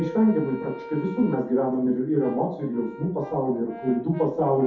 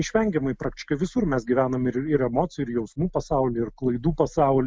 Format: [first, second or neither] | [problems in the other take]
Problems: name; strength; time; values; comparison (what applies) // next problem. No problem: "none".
second | background sound (Brass instrument); 17 dB below the speech // room echo; dies away in 0.5 s